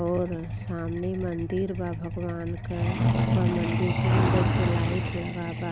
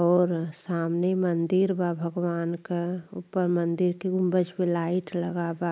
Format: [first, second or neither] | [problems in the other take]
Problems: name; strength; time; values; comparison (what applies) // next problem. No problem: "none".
second | background sound (Truck); 4 dB above the speech